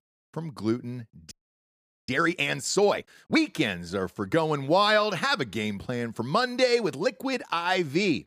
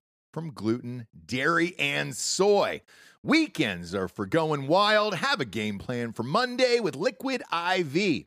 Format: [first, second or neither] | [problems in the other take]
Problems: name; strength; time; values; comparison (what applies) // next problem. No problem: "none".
second | audio freezing; at 1.5 s for 1 s